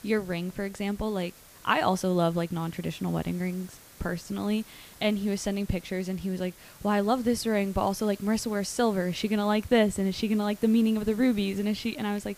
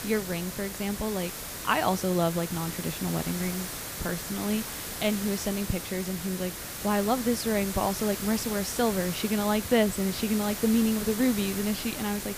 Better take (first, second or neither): first